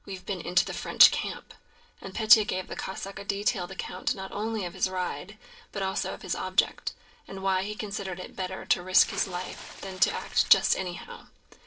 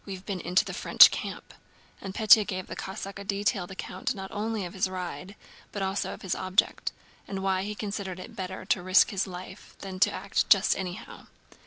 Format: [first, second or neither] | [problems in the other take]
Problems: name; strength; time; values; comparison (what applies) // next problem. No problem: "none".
second | noise reduction (neural separator model SepFormer DNS4)